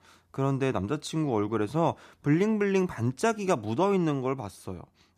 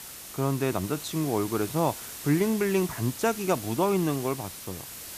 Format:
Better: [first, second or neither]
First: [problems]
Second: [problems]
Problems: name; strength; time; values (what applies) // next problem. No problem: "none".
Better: first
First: none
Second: hiss; noticeable; throughout; 10 dB below the speech